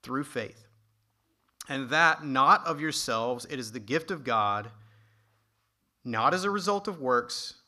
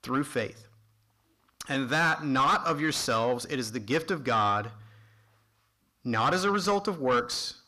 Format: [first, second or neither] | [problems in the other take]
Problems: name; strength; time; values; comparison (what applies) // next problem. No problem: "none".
first | distortion; heavy; 6 dB below the speech